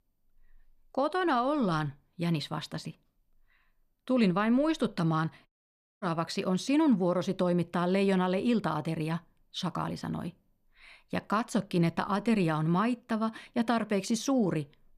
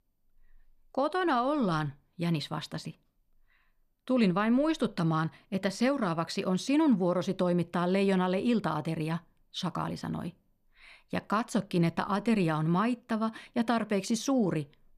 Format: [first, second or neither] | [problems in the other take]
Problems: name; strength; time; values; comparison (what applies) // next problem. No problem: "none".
second | audio cutting out; at 5.5 s for 0.5 s